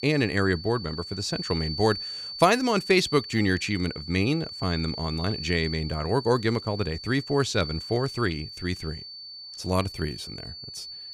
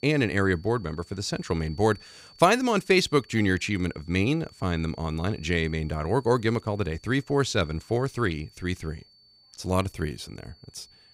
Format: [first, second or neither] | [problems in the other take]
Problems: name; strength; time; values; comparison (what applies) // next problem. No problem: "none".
second | high-pitched whine; loud; throughout; 4.5 kHz, 9 dB below the speech; faint in the second